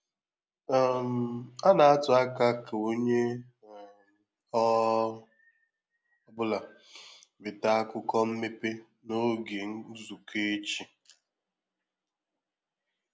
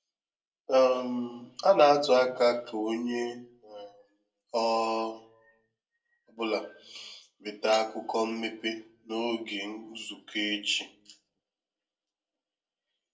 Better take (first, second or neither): first